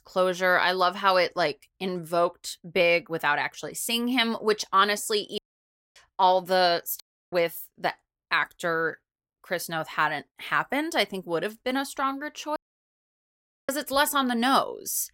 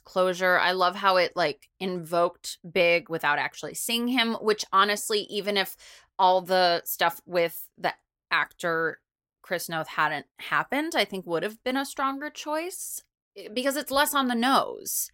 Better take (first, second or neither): second